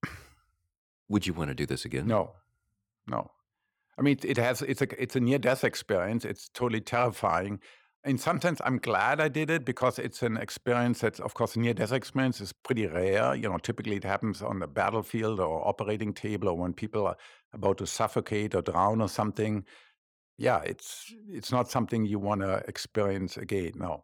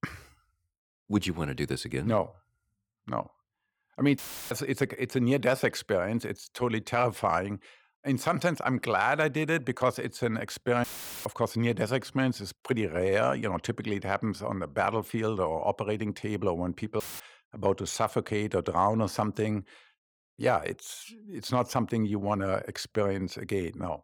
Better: first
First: none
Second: audio cutting out; filled with static; at 4 s, at 11 s and at 17 s

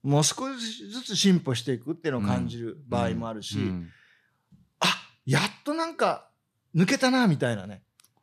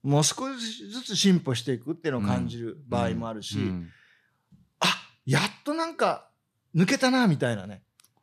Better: neither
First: none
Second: none

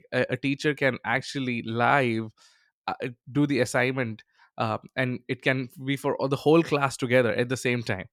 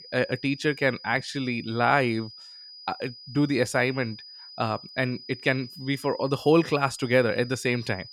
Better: first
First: none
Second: high-pitched whine; noticeable; throughout; 5 kHz, 15 dB below the speech

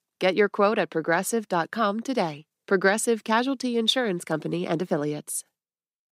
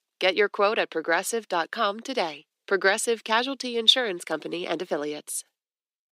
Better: first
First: none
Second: thin; somewhat; fading below 350 Hz

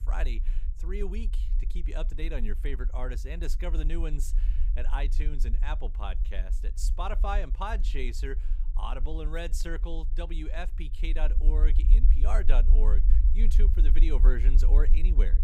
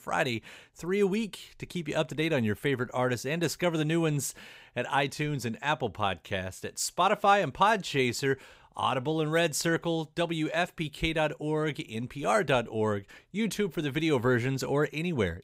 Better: second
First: low rumble; noticeable; throughout; 15 dB below the speech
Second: none

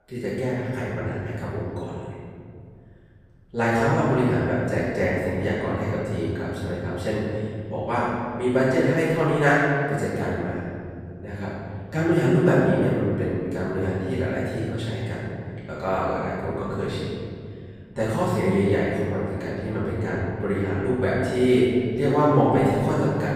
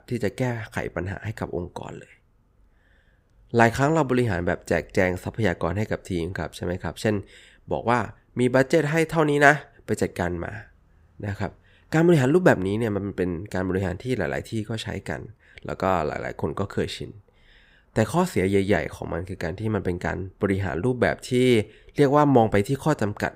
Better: second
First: off-mic speech; far // room echo; strong; dies away in 2.3 s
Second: none

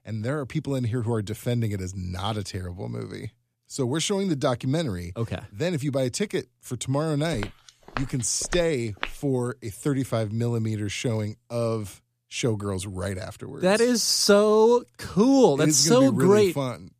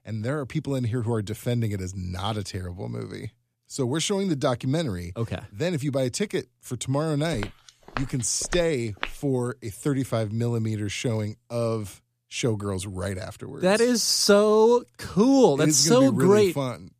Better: neither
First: footsteps; faint; from 7.5 to 9 s; peak 10 dB below the speech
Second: footsteps; faint; from 7.5 to 9 s; peak 10 dB below the speech

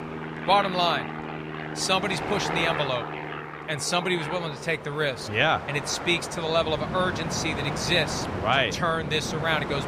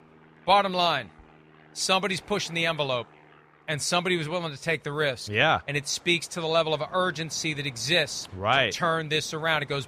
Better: second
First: train or aircraft noise; loud; throughout; 7 dB below the speech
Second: train or aircraft noise; faint; throughout; 25 dB below the speech

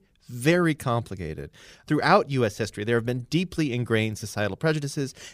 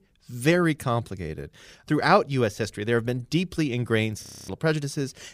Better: first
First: none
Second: audio freezing; at 4 s

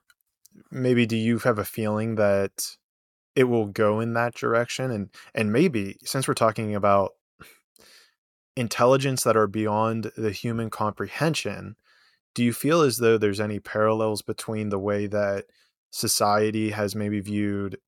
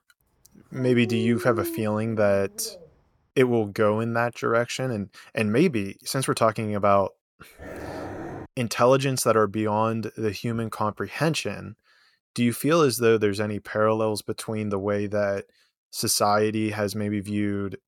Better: first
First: none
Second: dog barking; noticeable; from 1 to 3 s; peak 7 dB below the speech // dog barking; faint; at 7.5 s; peak 10 dB below the speech

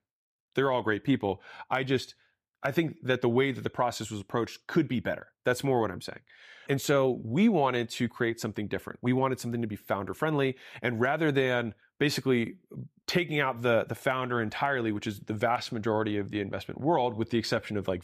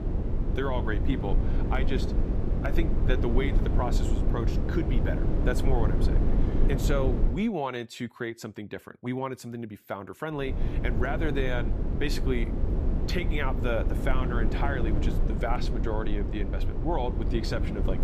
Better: first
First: none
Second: low rumble; loud; until 7.5 s and from 10 s on; 5 dB below the speech

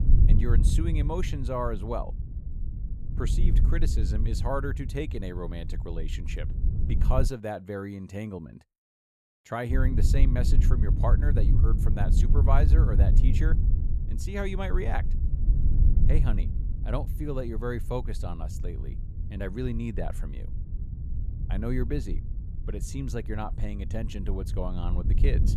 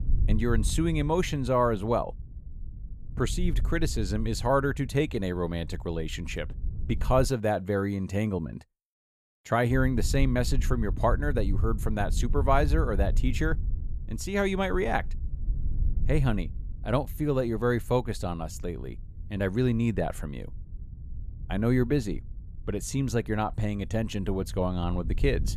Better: second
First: low rumble; loud; until 7.5 s and from 9.5 s on; 8 dB below the speech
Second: low rumble; faint; until 7.5 s and from 9.5 s on; 20 dB below the speech

